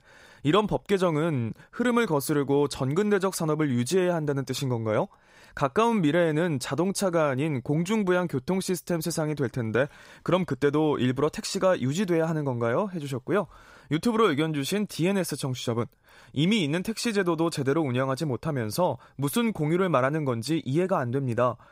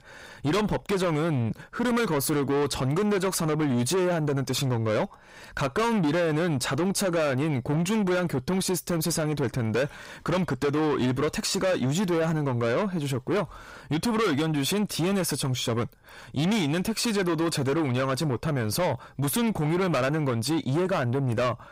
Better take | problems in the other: first | distortion; heavy; 6 dB below the speech

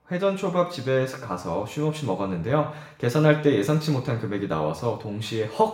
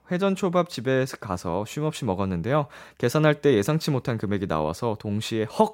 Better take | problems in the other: second | room echo; slight; dies away in 0.6 s // off-mic speech; somewhat distant

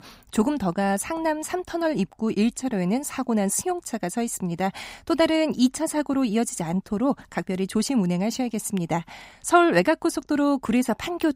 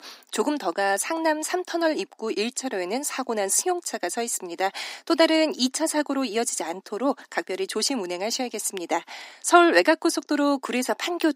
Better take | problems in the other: first | thin; somewhat; fading below 300 Hz

